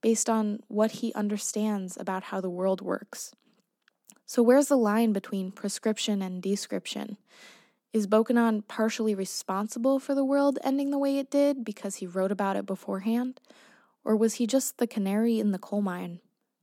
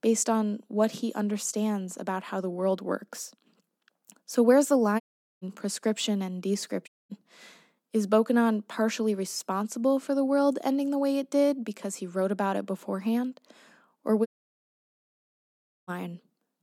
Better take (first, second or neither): first